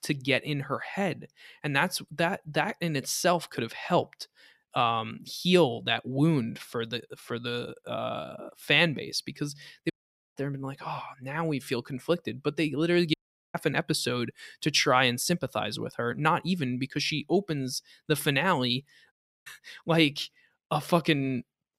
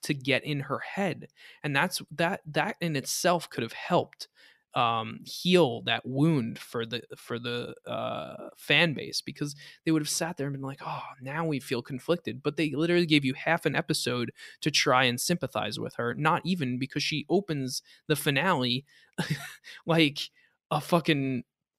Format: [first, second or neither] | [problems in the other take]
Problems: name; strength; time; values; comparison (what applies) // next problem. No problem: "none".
second | audio cutting out; at 10 s, at 13 s and at 19 s